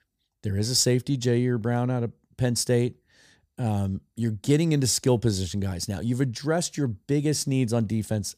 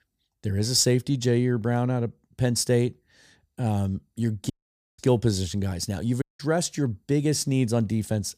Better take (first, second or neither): first